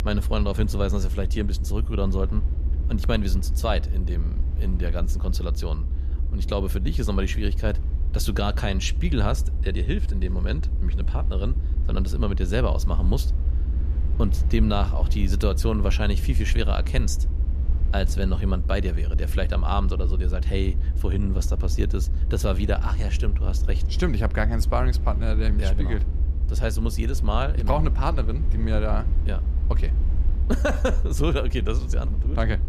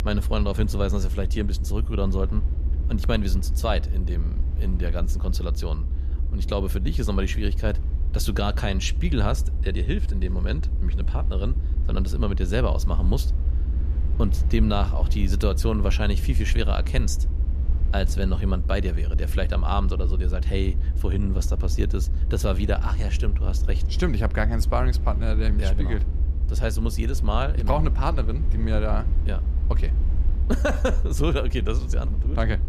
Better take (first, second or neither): neither